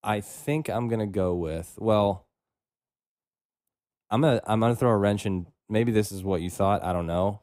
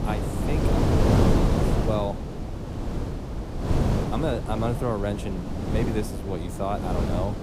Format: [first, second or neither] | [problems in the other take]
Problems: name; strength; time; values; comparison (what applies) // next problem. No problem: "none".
first | wind noise on the microphone; heavy; as loud as the speech